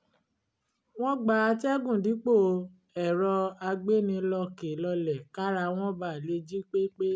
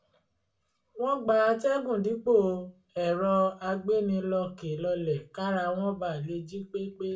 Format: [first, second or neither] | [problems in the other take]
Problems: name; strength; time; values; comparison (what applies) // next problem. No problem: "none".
first | room echo; dies away in 0.2 s